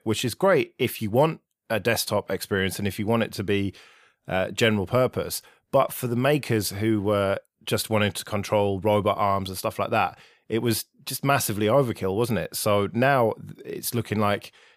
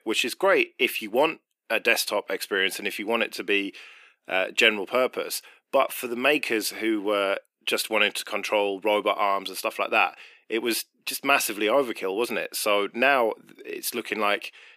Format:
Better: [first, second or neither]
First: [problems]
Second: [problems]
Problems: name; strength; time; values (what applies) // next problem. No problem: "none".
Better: first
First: none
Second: thin; somewhat; fading below 300 Hz